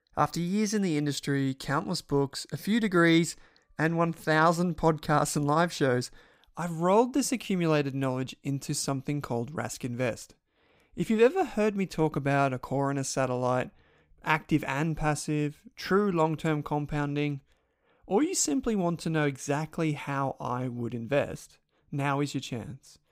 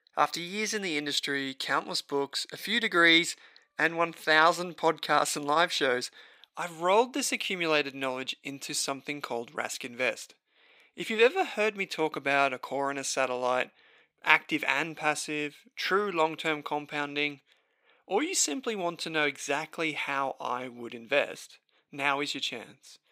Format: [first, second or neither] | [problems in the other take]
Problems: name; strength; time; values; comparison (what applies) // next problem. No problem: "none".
first | thin; somewhat; fading below 400 Hz